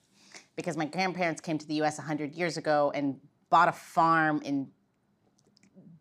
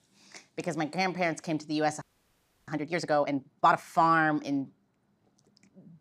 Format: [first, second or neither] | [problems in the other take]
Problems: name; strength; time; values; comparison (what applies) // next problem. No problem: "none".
first | audio freezing; at 2 s for 0.5 s